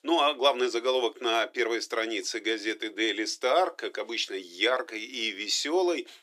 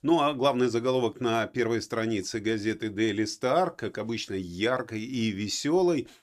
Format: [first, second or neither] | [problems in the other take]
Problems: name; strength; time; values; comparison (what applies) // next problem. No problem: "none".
second | thin; very; fading below 350 Hz